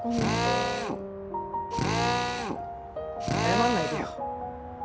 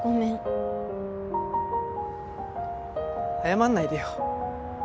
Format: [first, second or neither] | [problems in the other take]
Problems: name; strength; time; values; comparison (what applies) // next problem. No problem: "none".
second | background sound (Drill); 2 dB above the speech